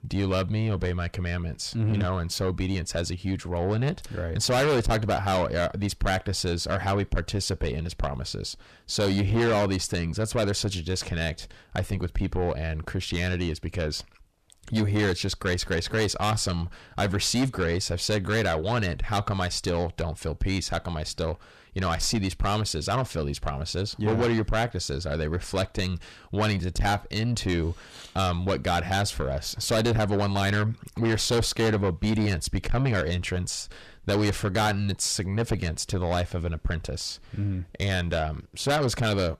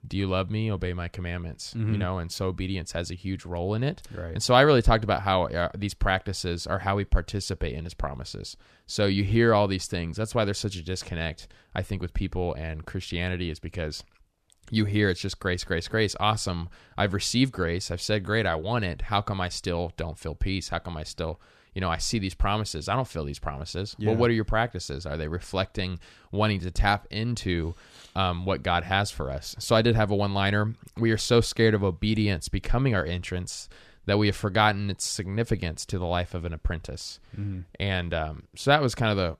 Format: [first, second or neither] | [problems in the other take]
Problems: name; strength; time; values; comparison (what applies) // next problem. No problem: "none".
second | distortion; heavy; 6 dB below the speech